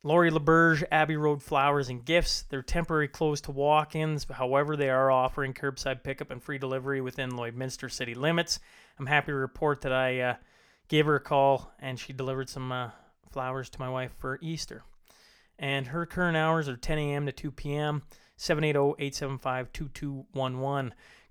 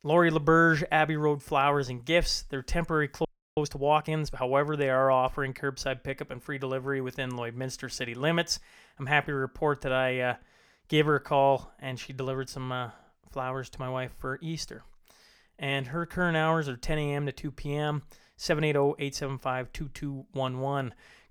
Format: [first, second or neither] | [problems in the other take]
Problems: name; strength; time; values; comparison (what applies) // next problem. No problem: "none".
first | audio freezing; at 3.5 s